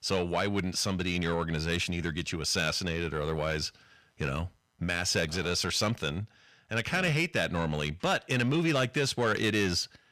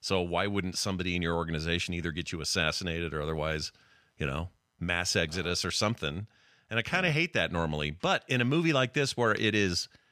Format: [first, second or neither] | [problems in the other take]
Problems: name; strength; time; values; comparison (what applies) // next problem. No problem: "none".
second | distortion; slight; 10 dB below the speech